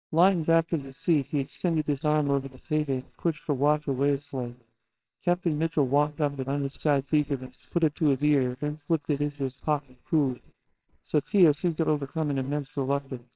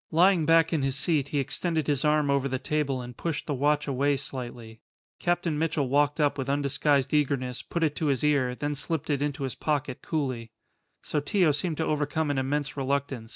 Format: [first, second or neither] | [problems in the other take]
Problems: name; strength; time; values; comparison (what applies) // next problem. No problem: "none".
second | noise reduction (neural separator model SepFormer WHAMR!)